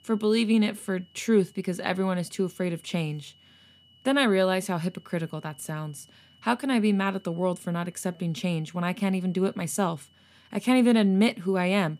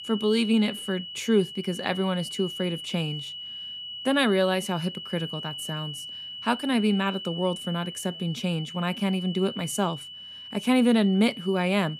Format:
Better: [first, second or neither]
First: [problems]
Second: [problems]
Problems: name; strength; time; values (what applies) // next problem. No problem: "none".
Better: first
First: high-pitched whine; faint; throughout; 3 kHz, 30 dB below the speech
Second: high-pitched whine; loud; throughout; 3 kHz, 10 dB below the speech